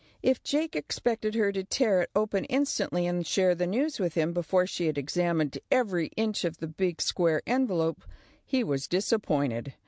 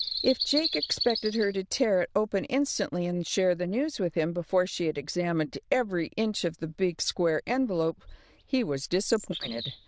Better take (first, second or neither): first